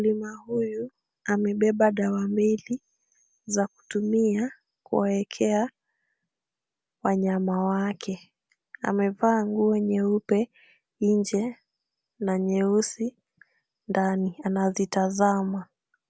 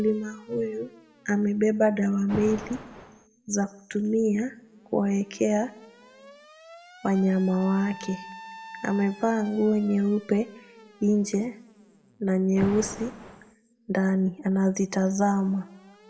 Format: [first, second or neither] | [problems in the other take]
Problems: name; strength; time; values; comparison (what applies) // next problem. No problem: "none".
first | background sound (Alarm); 18 dB below the speech // room echo; dies away in 0.6 s